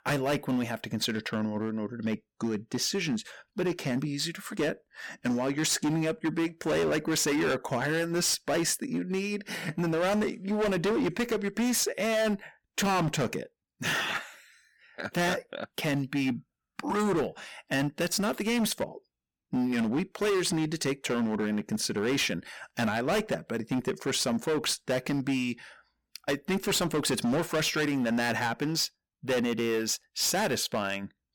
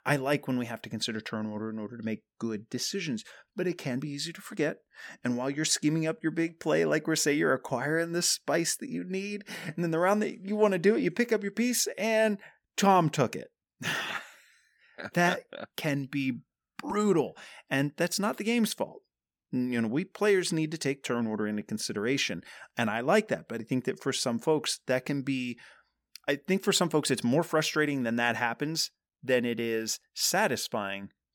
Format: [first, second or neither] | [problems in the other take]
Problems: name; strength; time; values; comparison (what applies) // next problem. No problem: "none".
second | distortion; heavy; 15% of the sound clipped